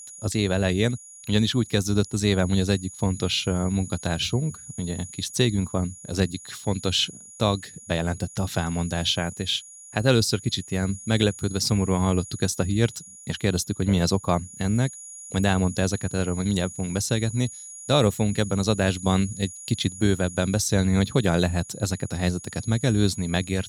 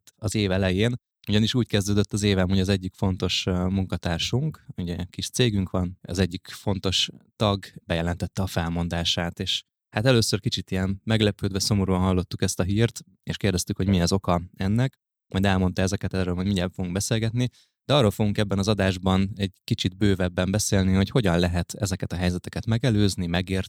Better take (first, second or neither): second